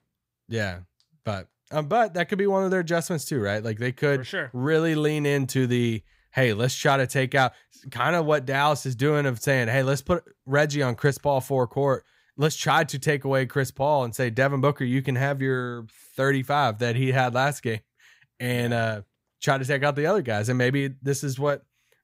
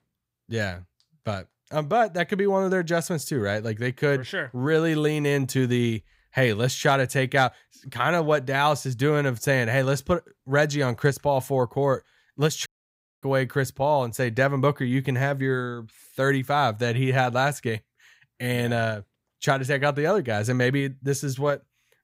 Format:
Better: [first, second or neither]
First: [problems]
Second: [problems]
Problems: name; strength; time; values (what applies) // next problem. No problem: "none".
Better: first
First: none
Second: audio cutting out; at 13 s for 0.5 s